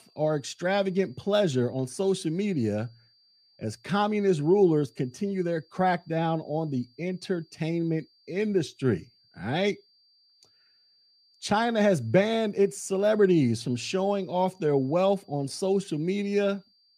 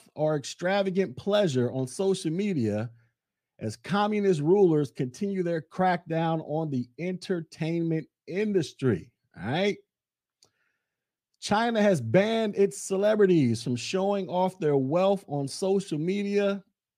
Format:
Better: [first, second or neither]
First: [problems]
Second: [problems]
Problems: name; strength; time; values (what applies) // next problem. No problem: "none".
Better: second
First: high-pitched whine; faint; throughout; 4.5 kHz, 35 dB below the speech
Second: none